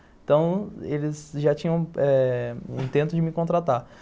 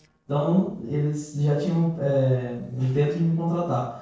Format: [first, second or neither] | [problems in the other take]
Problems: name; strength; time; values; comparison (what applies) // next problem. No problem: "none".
first | noise reduction (neural separator model SepFormer DNS4)